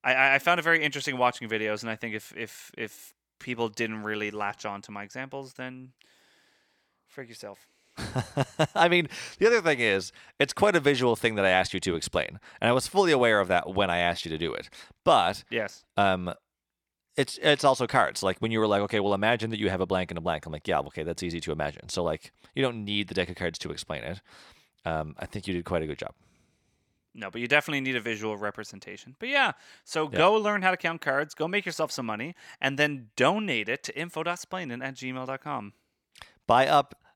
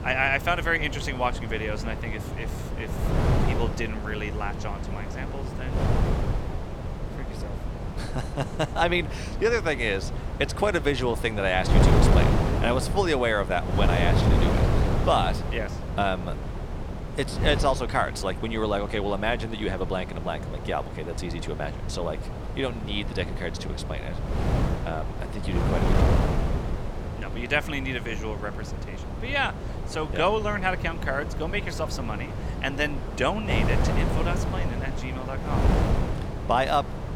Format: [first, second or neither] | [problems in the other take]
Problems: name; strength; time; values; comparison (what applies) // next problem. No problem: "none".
first | wind noise on the microphone; heavy; 7 dB below the speech